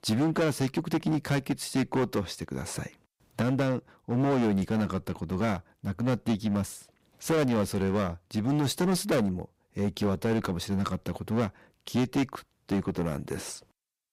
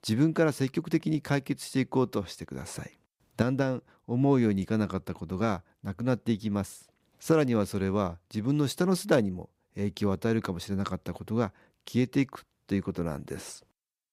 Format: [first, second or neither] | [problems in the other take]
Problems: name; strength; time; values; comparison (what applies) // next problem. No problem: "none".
second | distortion; heavy; 11% of the sound clipped